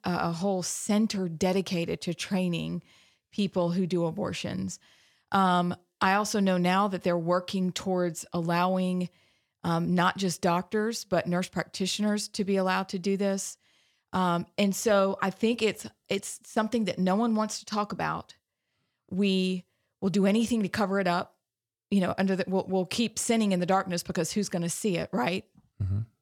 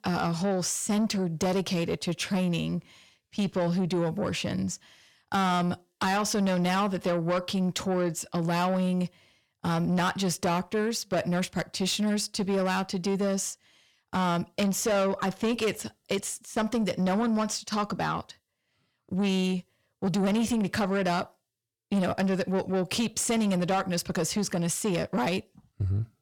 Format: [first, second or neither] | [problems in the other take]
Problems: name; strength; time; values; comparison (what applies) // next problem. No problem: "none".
first | distortion; slight; 10 dB below the speech